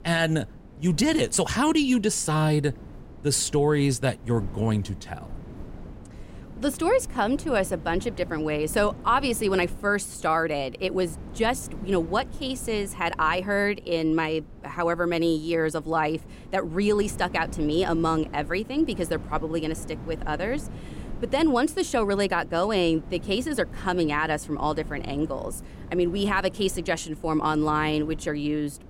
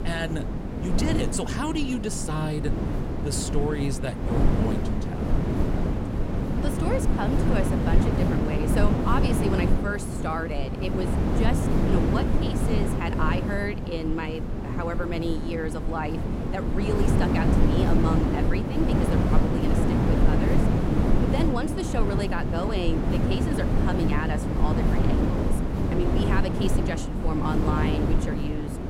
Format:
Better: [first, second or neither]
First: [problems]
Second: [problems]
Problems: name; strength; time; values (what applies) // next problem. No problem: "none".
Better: first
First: wind noise on the microphone; occasional gusts; 20 dB below the speech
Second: wind noise on the microphone; heavy; as loud as the speech